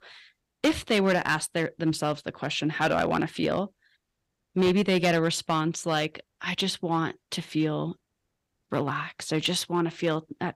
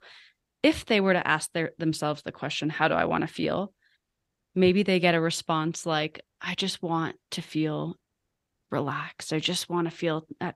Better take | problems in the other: second | distortion; slight; 3% of the sound clipped

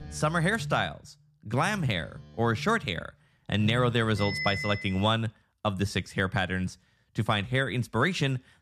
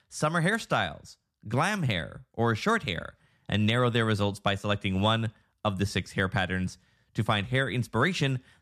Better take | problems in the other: second | alarms or sirens; loud; until 5 s; 9 dB below the speech

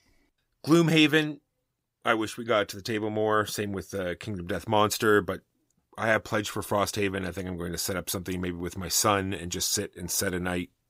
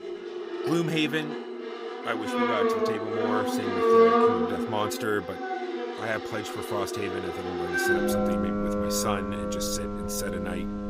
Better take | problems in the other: first | background music; very loud; throughout; 5 dB above the speech

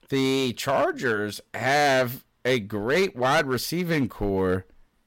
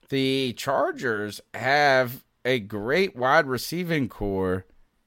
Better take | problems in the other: second | distortion; slight; 7% of the sound clipped

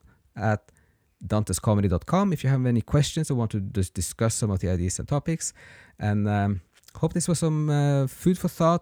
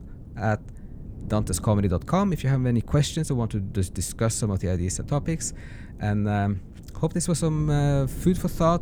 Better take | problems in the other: first | wind noise on the microphone; occasional gusts; 20 dB below the speech

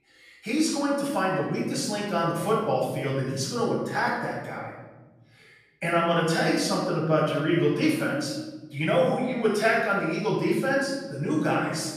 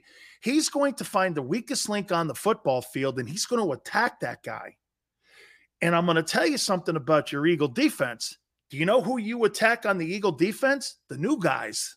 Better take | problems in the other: second | room echo; noticeable; dies away in 1.3 s // off-mic speech; far

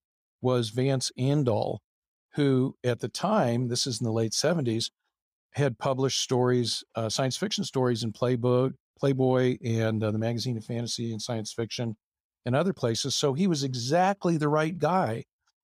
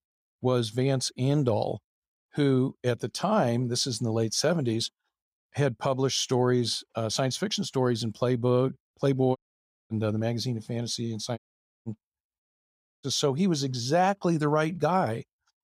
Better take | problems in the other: first | audio cutting out; at 9.5 s for 0.5 s, at 11 s and at 12 s for 0.5 s

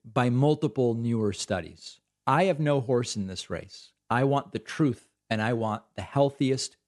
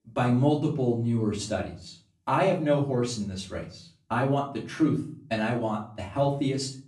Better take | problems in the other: first | room echo; slight; dies away in 0.4 s // off-mic speech; far

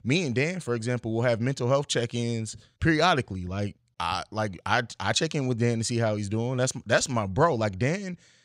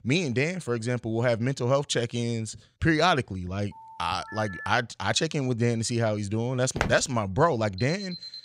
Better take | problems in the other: first | phone ringing; faint; from 3.5 to 4.5 s; peak 10 dB below the speech // footsteps; noticeable; at 7 s; peak 4 dB below the speech // alarm; faint; at 8 s; peak 10 dB below the speech

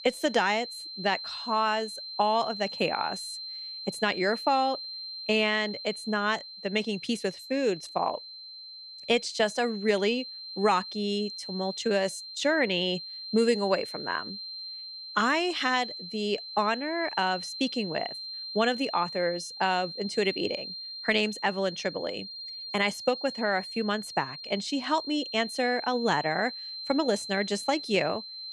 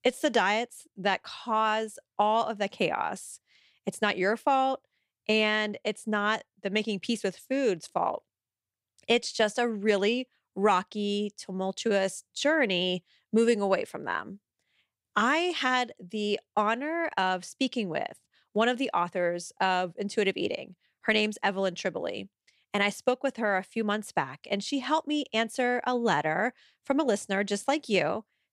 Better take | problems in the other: second | high-pitched whine; loud; throughout; 4 kHz, 9 dB below the speech

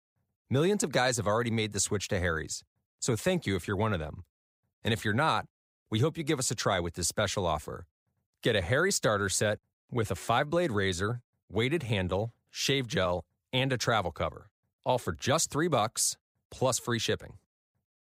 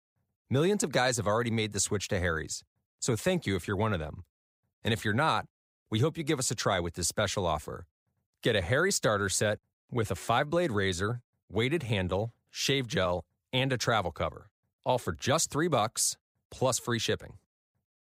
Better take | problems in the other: neither | none

